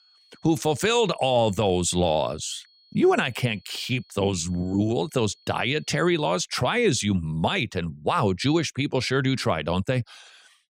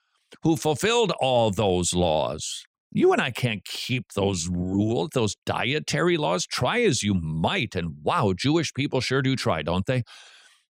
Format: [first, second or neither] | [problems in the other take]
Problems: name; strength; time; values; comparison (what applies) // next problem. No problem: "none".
second | high-pitched whine; faint; until 6.5 s; 4.5 kHz, 30 dB below the speech